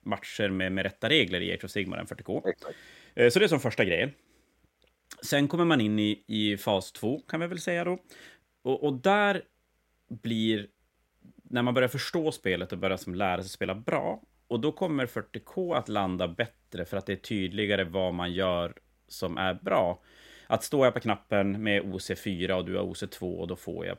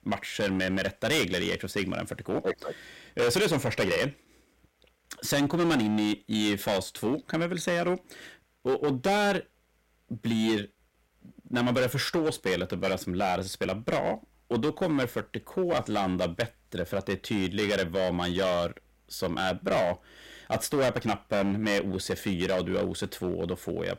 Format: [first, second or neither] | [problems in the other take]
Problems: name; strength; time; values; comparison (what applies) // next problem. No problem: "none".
first | distortion; heavy; 10% of the sound clipped